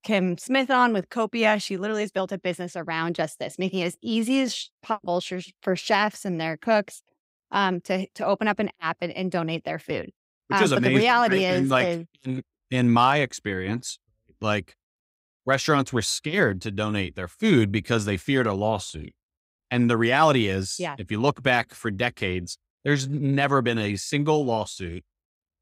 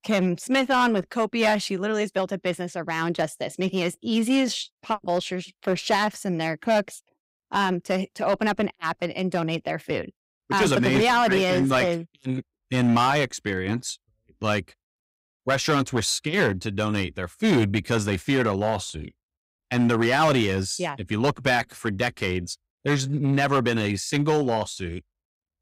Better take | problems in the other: first | distortion; slight; 4% of the sound clipped

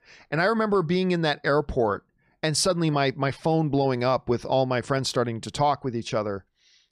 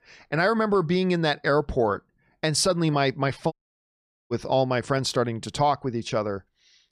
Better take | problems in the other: first | audio cutting out; at 3.5 s for 1 s

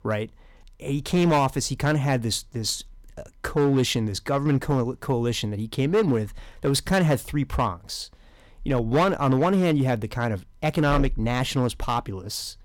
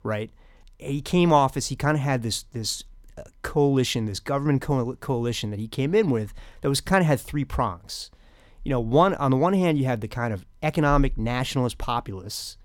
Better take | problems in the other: second | distortion; slight; 5% of the sound clipped

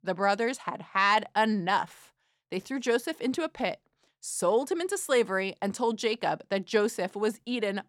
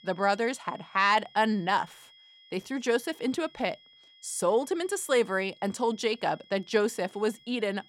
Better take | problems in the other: first | high-pitched whine; faint; throughout; 3.5 kHz, 25 dB below the speech

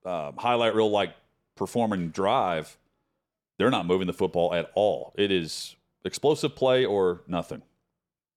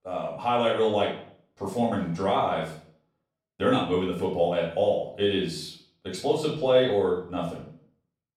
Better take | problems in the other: first | off-mic speech; far // room echo; noticeable; dies away in 0.5 s

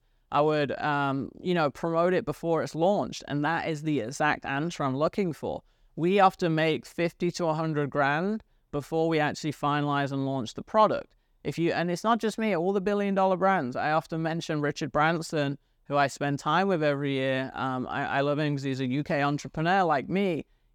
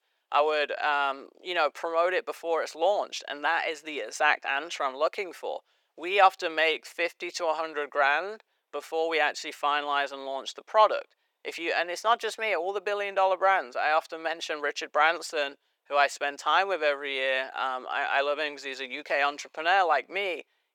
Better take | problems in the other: first | thin; very; fading below 450 Hz

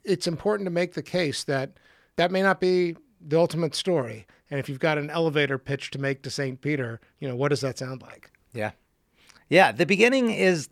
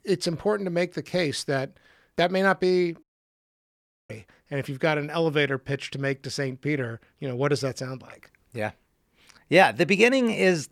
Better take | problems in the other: first | audio cutting out; at 3 s for 1 s

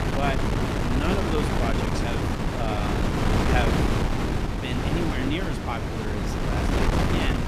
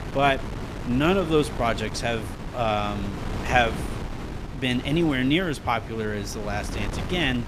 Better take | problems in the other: second | wind noise on the microphone; heavy; 3 dB above the speech; occasional gusts in the second

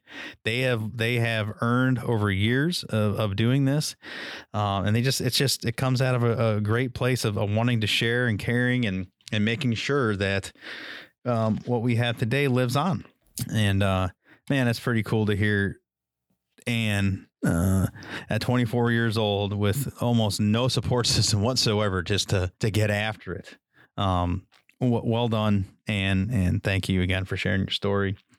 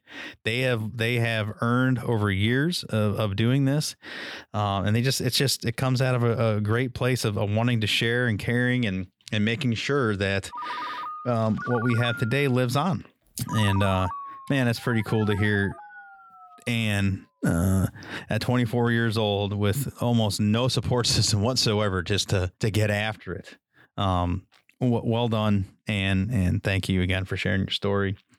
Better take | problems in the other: first | phone ringing; noticeable; from 11 to 17 s; peak 8 dB below the speech

